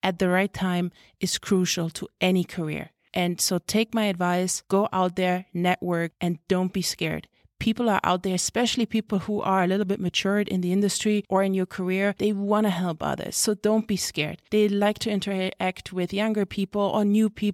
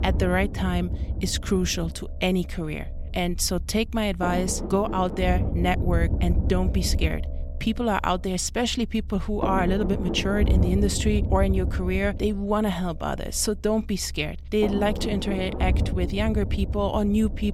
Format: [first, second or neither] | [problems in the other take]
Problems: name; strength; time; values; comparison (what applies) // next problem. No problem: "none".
first | low rumble; loud; throughout; 10 dB below the speech